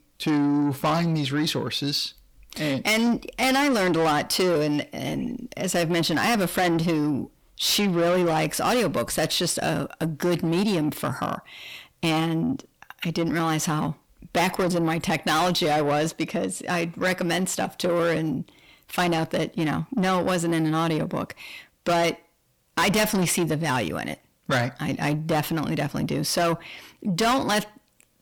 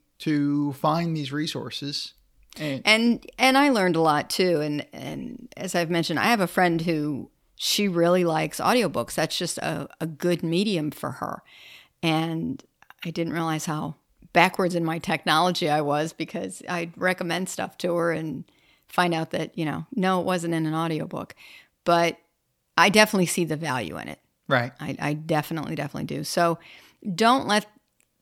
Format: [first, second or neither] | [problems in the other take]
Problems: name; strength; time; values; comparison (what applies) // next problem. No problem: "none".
second | distortion; heavy; 6 dB below the speech